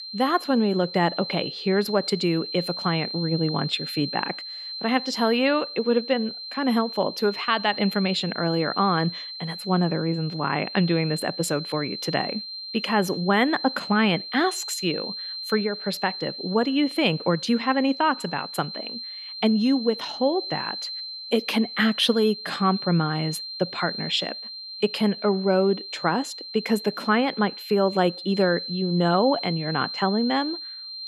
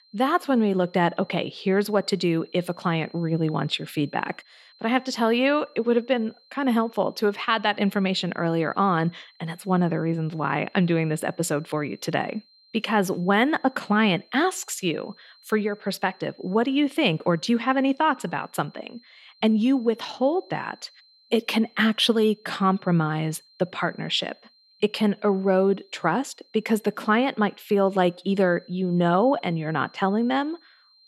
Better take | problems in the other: second | high-pitched whine; loud; throughout; 4 kHz, 8 dB below the speech; faint in the second

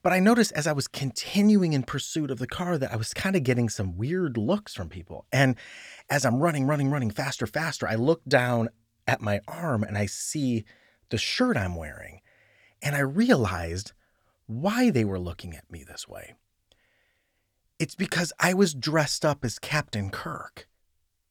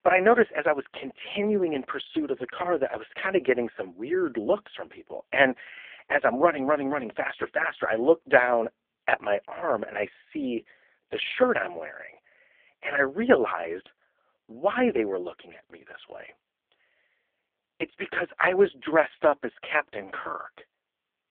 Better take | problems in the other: first | phone-call audio; poor line

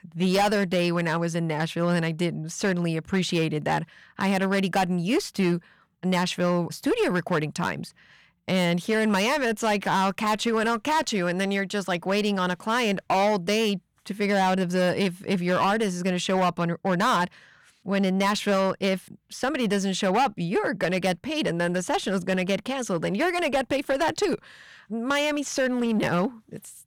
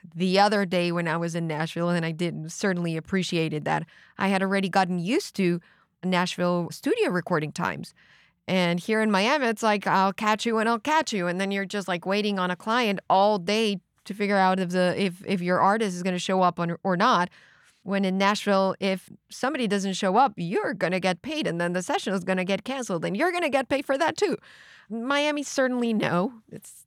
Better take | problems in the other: second | distortion; slight; 9% of the sound clipped

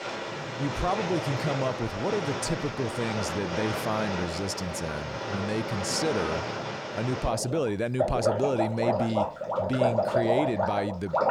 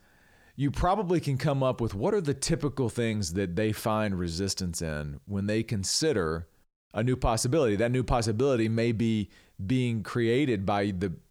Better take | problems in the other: second | rain or running water; loud; throughout; as loud as the speech

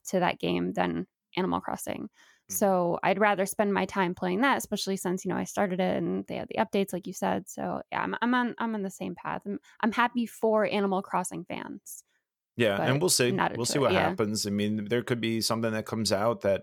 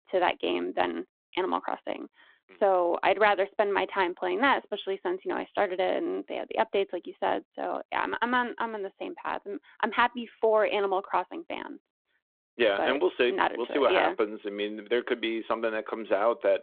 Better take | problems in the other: first | phone-call audio

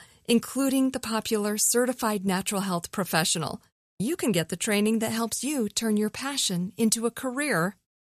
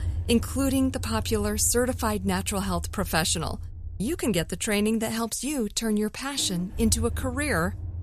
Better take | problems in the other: first | low rumble; faint; throughout; 20 dB below the speech

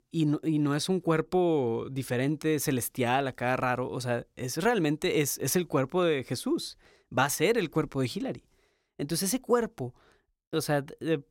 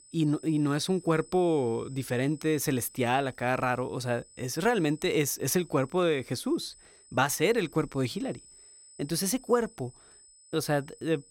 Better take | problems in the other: first | high-pitched whine; faint; throughout; 8 kHz, 25 dB below the speech

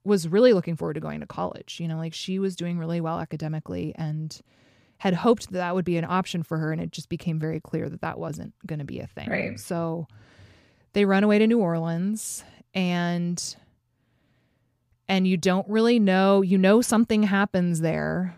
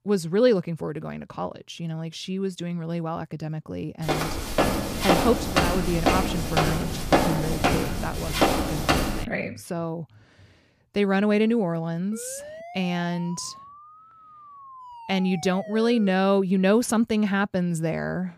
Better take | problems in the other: first | footsteps; loud; from 4 to 9 s; peak 4 dB above the speech // siren; faint; from 12 to 16 s; peak 15 dB below the speech

